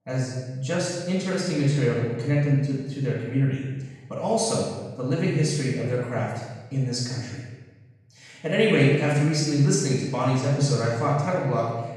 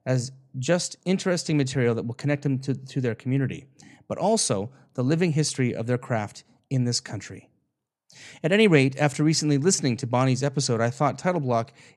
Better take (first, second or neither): second